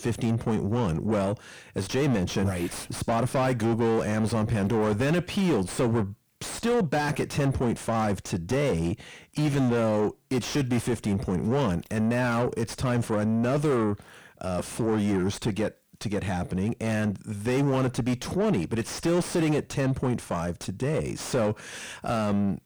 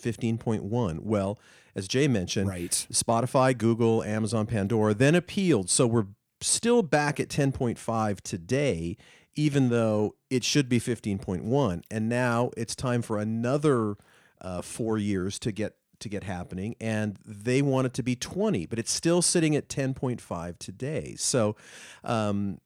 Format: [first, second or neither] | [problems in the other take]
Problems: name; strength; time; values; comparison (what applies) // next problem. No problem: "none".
second | distortion; heavy; 6 dB below the speech